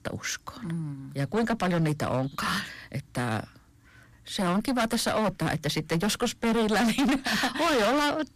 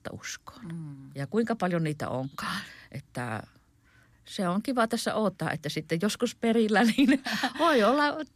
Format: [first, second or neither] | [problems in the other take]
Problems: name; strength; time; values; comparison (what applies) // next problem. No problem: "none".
second | distortion; heavy; 18% of the sound clipped